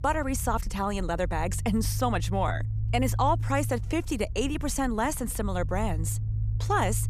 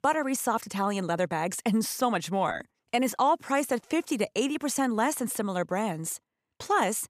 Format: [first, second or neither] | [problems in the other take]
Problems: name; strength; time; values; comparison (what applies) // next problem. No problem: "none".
second | low rumble; noticeable; throughout; 20 dB below the speech